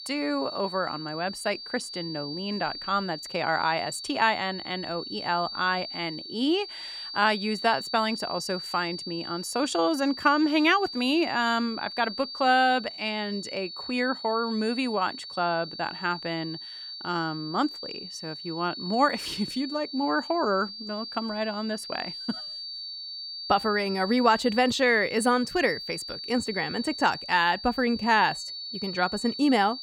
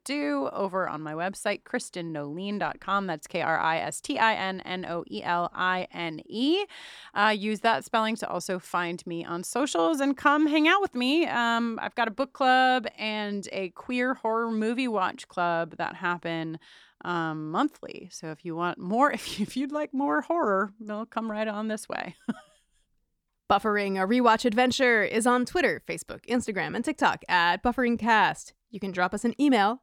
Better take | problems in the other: second | high-pitched whine; loud; throughout; 4.5 kHz, 9 dB below the speech

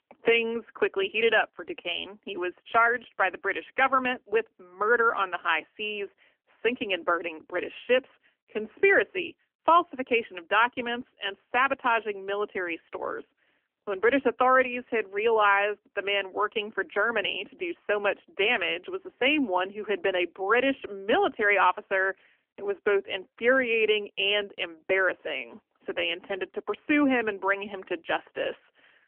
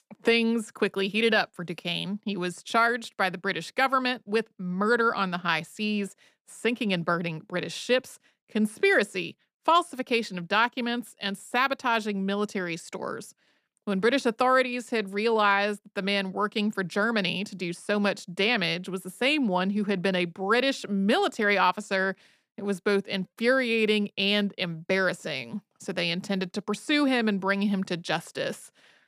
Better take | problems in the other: second | phone-call audio; nothing above 3 kHz

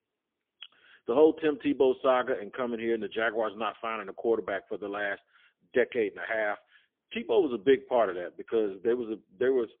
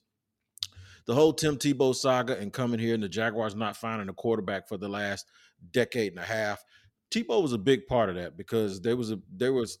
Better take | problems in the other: second | phone-call audio; poor line; nothing above 3.5 kHz

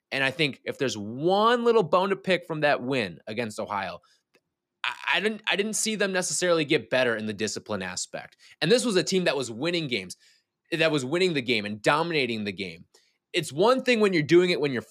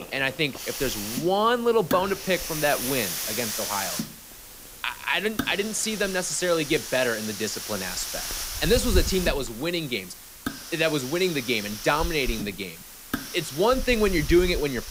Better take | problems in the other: first | hiss; loud; throughout; 7 dB below the speech

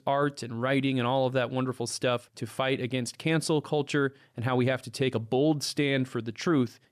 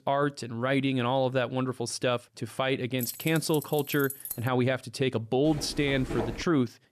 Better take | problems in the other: first | jangling keys; noticeable; from 3 to 4.5 s; peak 7 dB below the speech // footsteps; noticeable; from 5.5 s on; peak 6 dB below the speech

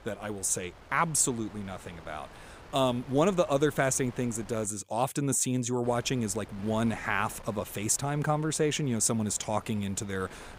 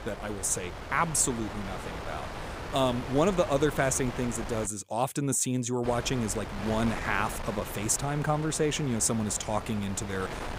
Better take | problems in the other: first | wind noise on the microphone; heavy; until 4.5 s and from 6 s on; 9 dB below the speech; occasional gusts in the first

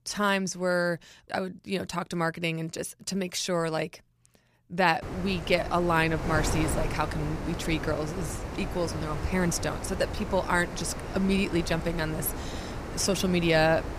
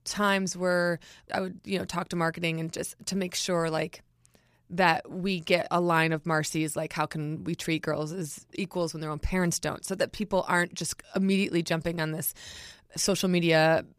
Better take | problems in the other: second | wind noise on the microphone; heavy; from 5 s on; 9 dB below the speech

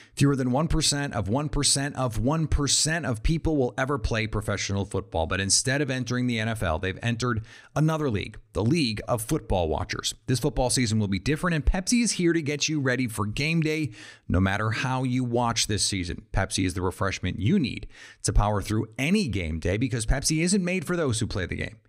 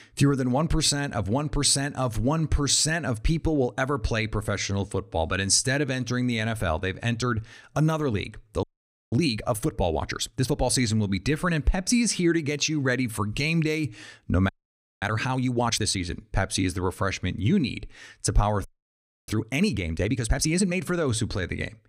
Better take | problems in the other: first | audio freezing; at 8.5 s, at 14 s for 0.5 s and at 19 s for 0.5 s

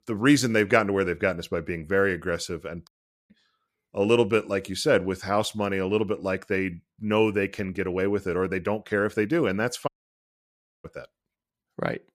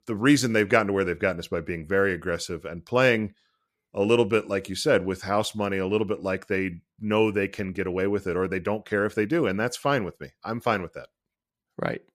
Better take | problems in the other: second | audio cutting out; at 3 s and at 10 s for 1 s

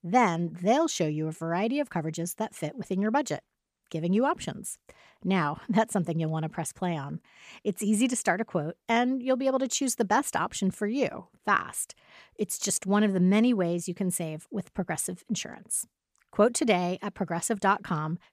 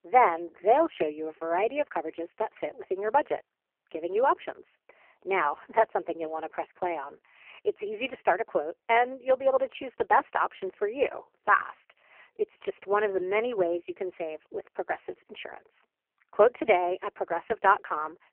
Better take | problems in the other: first | phone-call audio; poor line

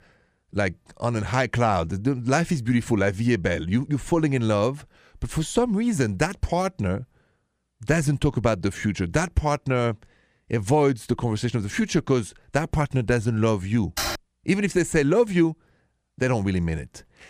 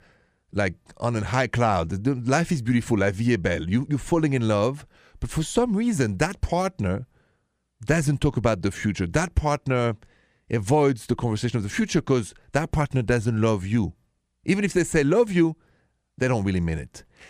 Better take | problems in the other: second | keyboard typing; noticeable; at 14 s; peak 3 dB below the speech

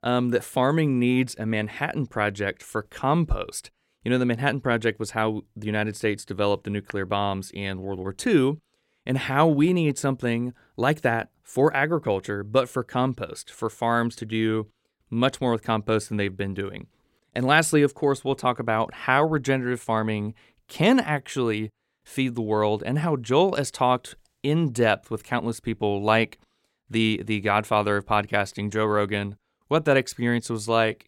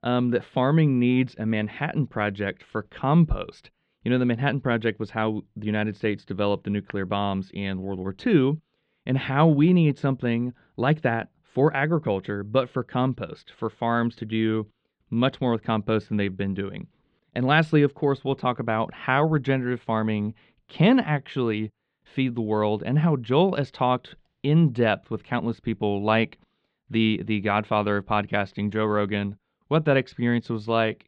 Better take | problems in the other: first | muffled; slightly; fading above 3.5 kHz

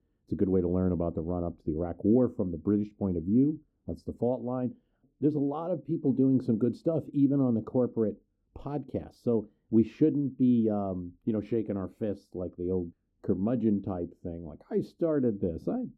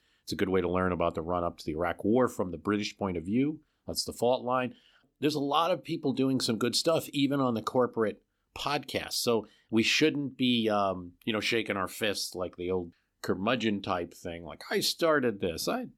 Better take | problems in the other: second | muffled; very; fading above 1 kHz

